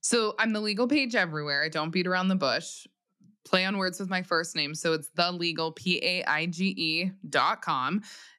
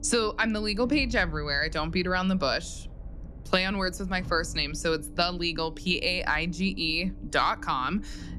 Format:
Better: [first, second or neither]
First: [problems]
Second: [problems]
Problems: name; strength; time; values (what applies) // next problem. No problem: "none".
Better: first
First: none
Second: low rumble; faint; throughout; 25 dB below the speech